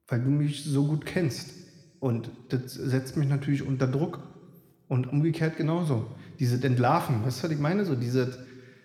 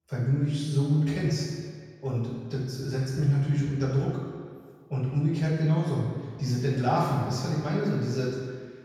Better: first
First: room echo; slight; dies away in 1.4 s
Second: room echo; strong; dies away in 1.7 s // off-mic speech; far

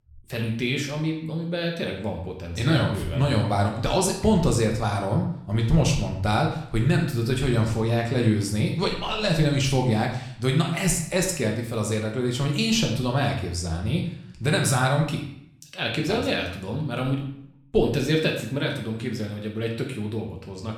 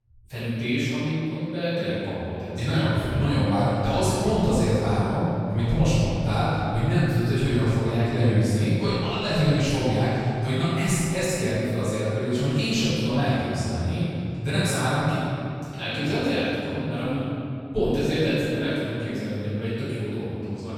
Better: first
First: room echo; slight; dies away in 0.6 s // off-mic speech; somewhat distant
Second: room echo; strong; dies away in 2.4 s // off-mic speech; far

